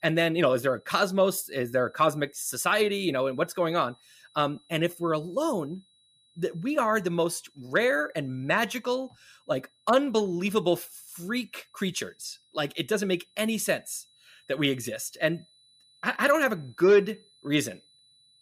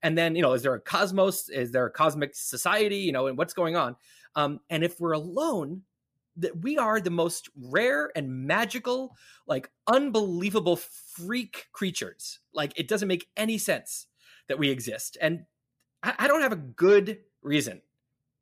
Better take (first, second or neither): second